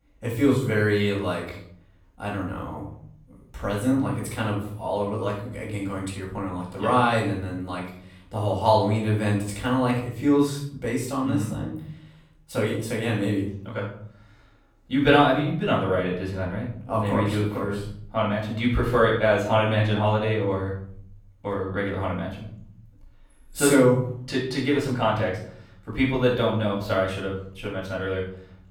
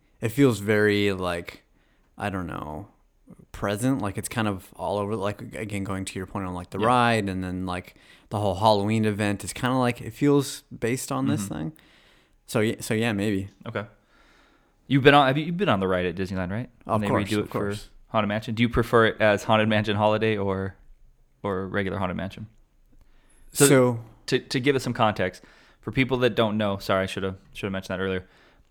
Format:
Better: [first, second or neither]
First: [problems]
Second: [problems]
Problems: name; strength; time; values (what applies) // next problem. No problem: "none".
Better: second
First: off-mic speech; far // room echo; noticeable; dies away in 0.6 s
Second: none